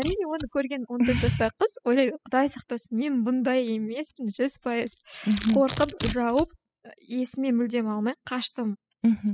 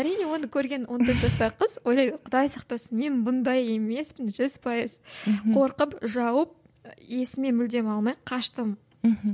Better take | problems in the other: second | noise reduction (classical method spectral subtraction)

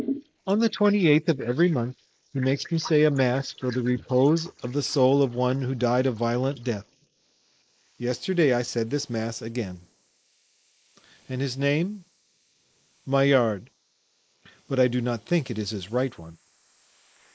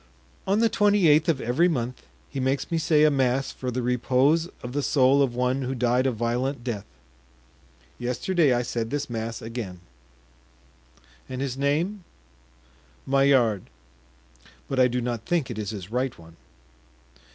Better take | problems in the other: second | noise reduction (neural mask model Resemble Enhance denoiser)

